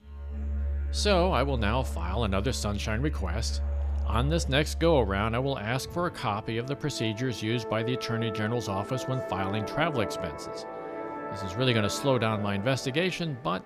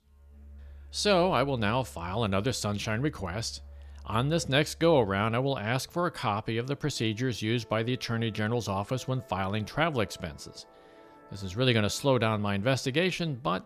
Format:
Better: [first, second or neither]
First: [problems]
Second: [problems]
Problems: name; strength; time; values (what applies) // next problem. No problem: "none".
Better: second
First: background music; loud; throughout; 7 dB below the speech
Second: background music; faint; throughout; 25 dB below the speech